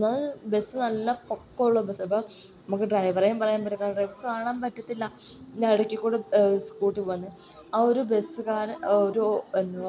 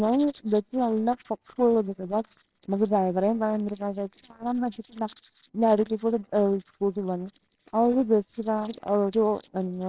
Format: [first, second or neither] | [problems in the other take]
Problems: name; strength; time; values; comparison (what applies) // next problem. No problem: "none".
first | noise reduction (neural separator model SepFormer WHAMR!)